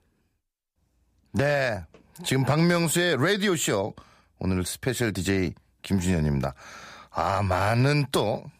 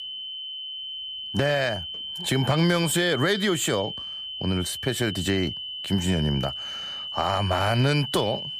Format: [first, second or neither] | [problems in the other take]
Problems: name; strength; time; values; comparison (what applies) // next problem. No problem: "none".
first | high-pitched whine; loud; throughout; 3 kHz, 6 dB below the speech